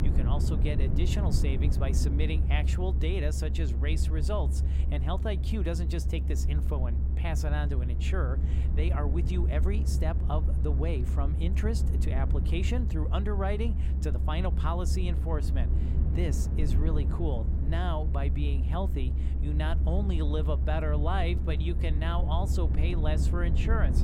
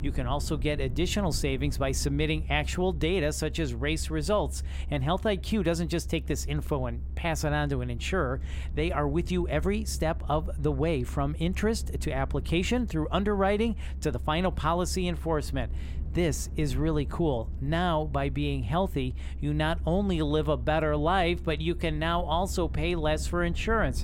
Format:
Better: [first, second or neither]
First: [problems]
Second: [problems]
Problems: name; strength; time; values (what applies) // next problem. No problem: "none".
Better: second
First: low rumble; loud; throughout; 7 dB below the speech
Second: low rumble; faint; throughout; 25 dB below the speech